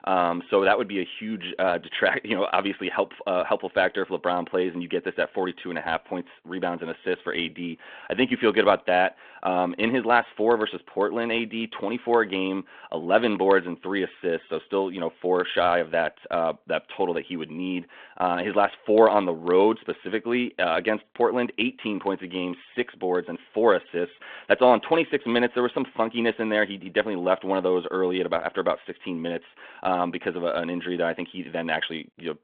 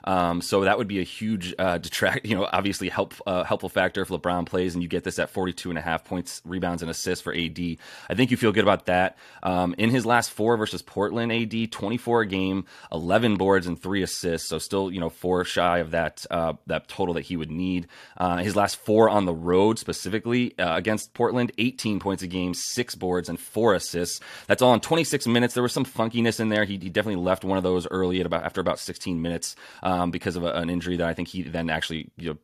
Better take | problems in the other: second | phone-call audio

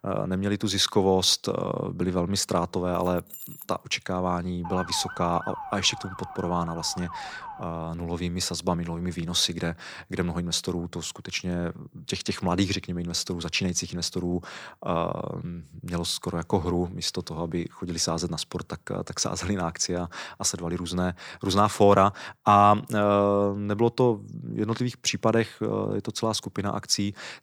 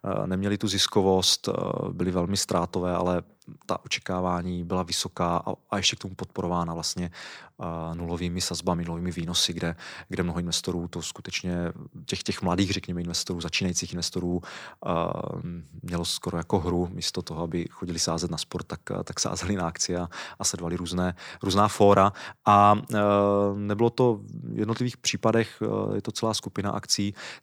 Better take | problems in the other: second | jangling keys; faint; at 3 s; peak 10 dB below the speech // siren; noticeable; from 4.5 to 7.5 s; peak 9 dB below the speech

